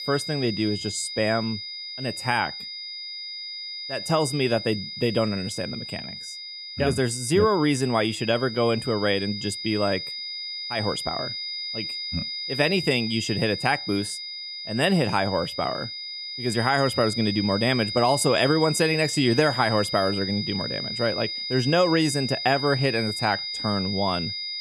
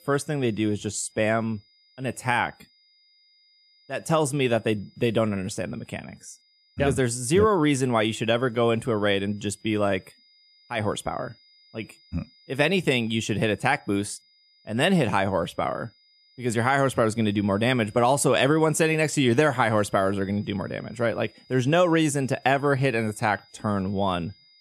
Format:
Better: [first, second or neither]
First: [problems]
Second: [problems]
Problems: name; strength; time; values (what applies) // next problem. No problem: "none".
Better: second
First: high-pitched whine; loud; throughout; 5 kHz, 6 dB below the speech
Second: high-pitched whine; faint; throughout; 5 kHz, 30 dB below the speech